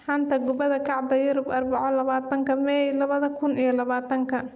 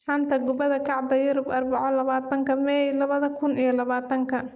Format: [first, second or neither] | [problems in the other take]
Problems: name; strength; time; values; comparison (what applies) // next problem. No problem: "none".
first | noise reduction (neural mask model Resemble Enhance denoiser)